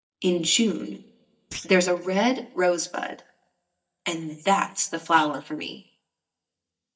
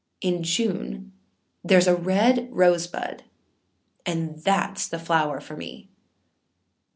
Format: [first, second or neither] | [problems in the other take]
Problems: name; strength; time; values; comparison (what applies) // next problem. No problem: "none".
second | noise reduction (neural mask model DeepFilterNet 3)